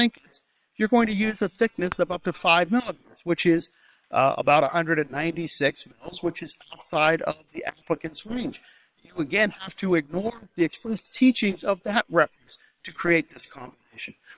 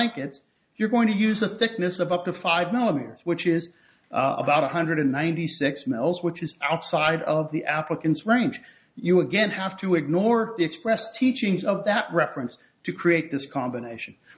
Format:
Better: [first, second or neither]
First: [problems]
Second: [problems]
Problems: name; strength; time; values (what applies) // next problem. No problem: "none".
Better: second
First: noise reduction (neural separator model SepFormer WHAM!)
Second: none